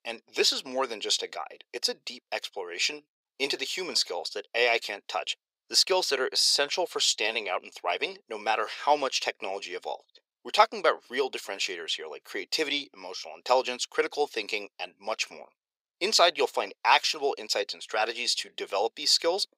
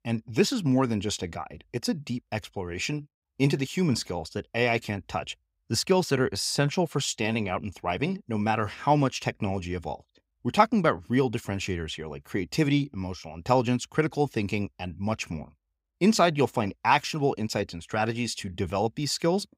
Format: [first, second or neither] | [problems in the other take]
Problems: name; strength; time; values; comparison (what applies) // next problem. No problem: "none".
second | thin; very; fading below 450 Hz